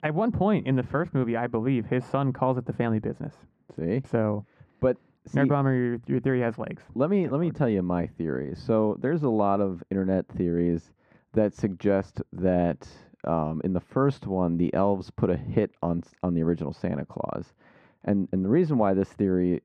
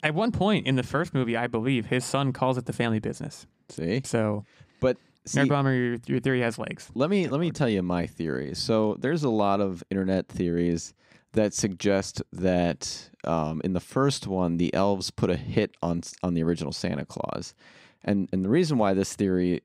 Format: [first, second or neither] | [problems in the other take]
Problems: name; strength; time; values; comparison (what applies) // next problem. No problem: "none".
second | muffled; very; fading above 3 kHz